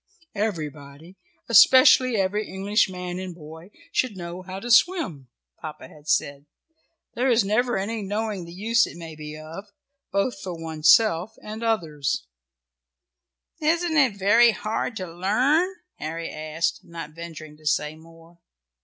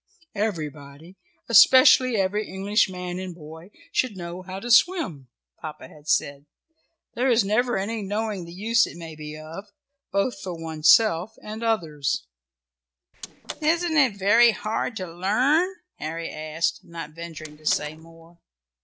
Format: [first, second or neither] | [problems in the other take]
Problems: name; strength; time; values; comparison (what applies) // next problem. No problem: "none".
first | noise reduction (neural separator model SepFormer DNS4)